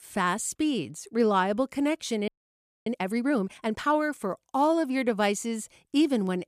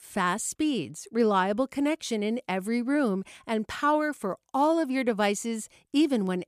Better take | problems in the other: second | audio freezing; at 2.5 s for 0.5 s

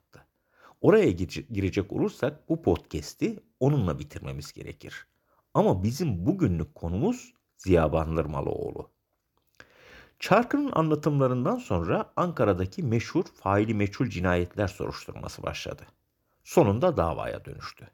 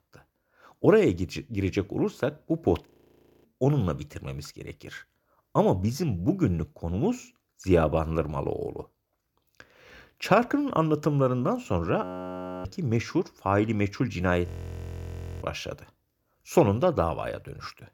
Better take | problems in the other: first | audio freezing; at 3 s for 0.5 s, at 12 s for 0.5 s and at 14 s for 1 s

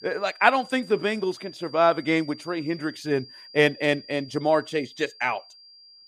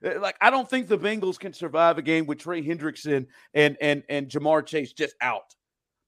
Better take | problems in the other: second | high-pitched whine; noticeable; throughout; 5 kHz, 20 dB below the speech

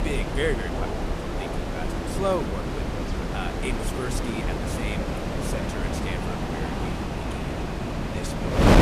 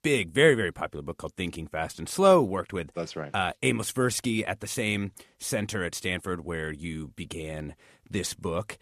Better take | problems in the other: second | wind noise on the microphone; heavy; 2 dB above the speech

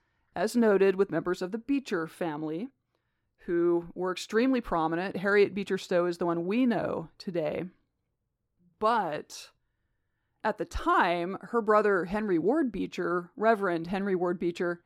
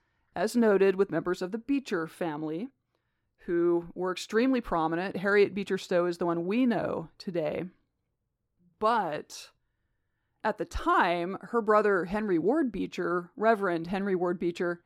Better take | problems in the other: neither | muffled; slightly; fading above 1.5 kHz; the same in both

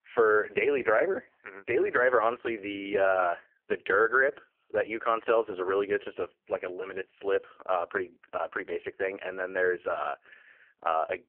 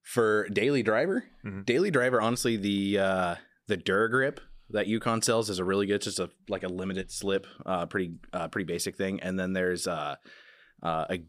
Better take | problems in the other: second | phone-call audio; poor line

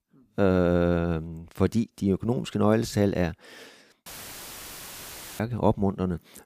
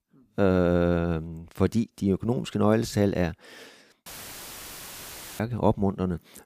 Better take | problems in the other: neither | audio cutting out; filled with static; at 4 s for 1.5 s; the same in both

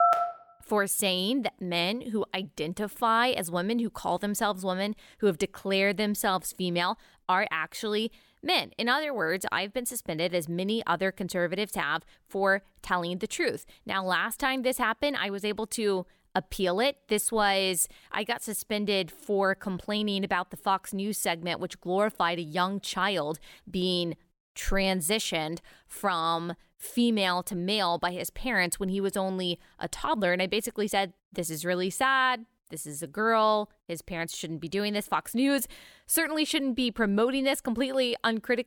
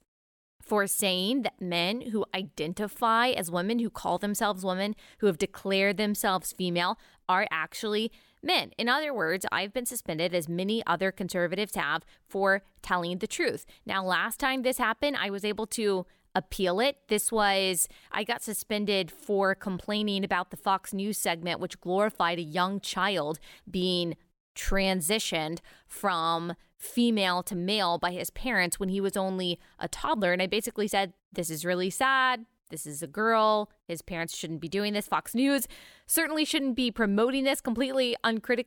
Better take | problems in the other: second | phone ringing; loud; at the start; peak 5 dB above the speech

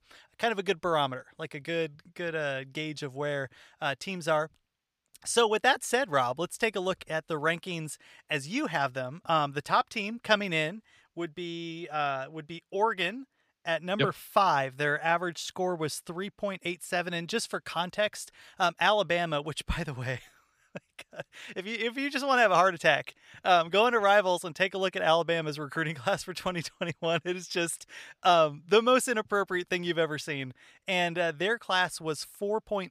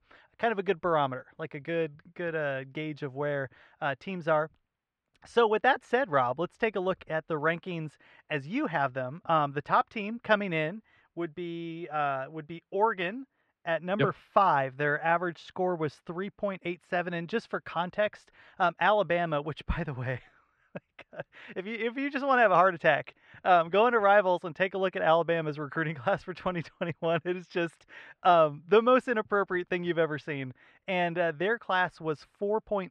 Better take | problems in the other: first | muffled; very; fading above 2 kHz

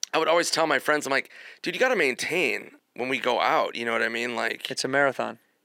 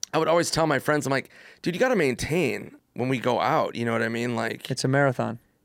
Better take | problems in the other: second | thin; somewhat; fading below 350 Hz

